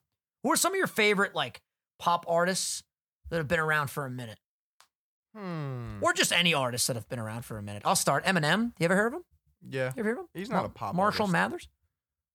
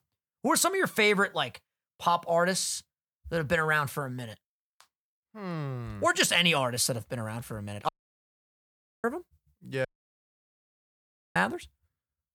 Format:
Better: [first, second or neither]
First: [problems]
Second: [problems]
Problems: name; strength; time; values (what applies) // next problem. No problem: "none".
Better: first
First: none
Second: audio cutting out; at 8 s for 1 s and at 10 s for 1.5 s